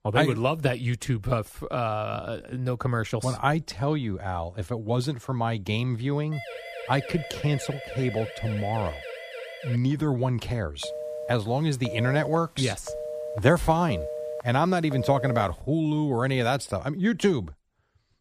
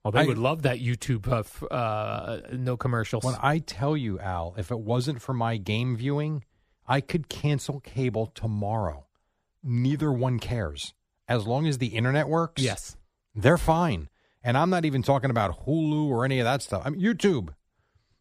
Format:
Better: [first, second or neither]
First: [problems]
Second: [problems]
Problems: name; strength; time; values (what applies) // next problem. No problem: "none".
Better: second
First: siren; noticeable; from 6.5 to 10 s; peak 10 dB below the speech // phone ringing; noticeable; from 11 to 15 s; peak 6 dB below the speech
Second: none